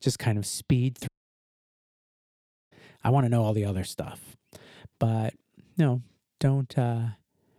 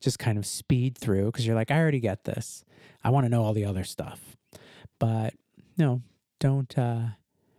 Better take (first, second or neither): second